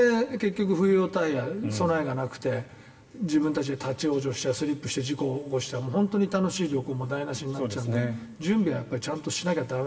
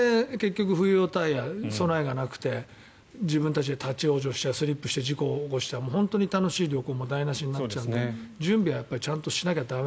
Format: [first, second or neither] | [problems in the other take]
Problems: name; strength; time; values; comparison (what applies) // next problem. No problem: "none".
second | room echo; dies away in 2.7 s